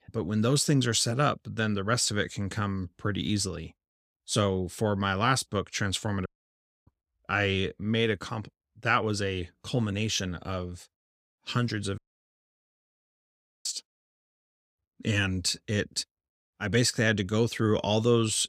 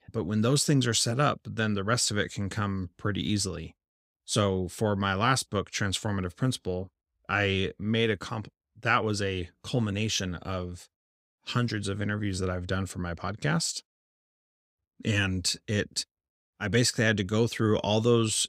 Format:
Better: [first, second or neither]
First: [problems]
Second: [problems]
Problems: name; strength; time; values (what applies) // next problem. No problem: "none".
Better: second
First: audio cutting out; at 6.5 s for 0.5 s and at 12 s for 1.5 s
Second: none